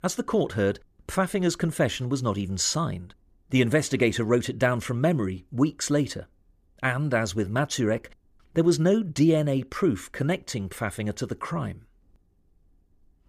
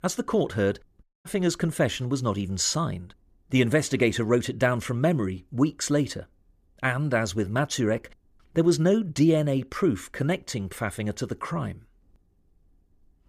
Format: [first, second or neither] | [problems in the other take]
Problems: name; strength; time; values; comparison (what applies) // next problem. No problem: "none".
first | audio cutting out; at 1 s